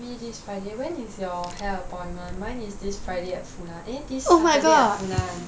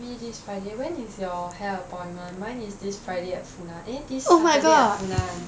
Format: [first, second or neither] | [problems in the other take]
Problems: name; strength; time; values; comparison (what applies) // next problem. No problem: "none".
second | background sound (Crack); 14 dB below the speech